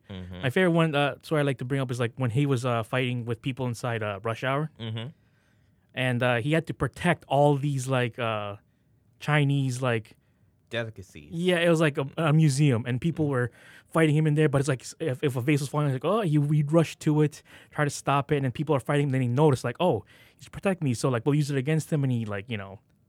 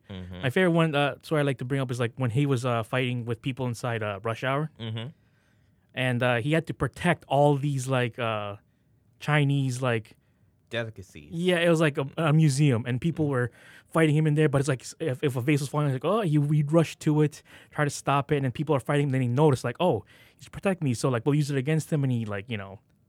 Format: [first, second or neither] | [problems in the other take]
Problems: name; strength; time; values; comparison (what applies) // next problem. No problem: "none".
neither | none